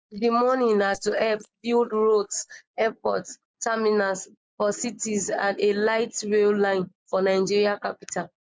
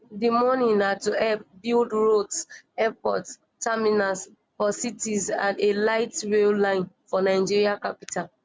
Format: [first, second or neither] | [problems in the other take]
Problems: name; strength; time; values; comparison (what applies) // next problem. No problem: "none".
second | noise reduction (neural mask model Resemble Enhance denoiser)